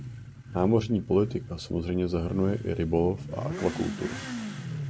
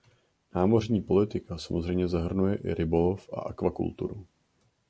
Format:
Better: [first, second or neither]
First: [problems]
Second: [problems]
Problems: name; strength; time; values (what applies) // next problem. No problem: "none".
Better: second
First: background sound (Motorcycle / Accelerating, revving, vroom); 9 dB below the speech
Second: none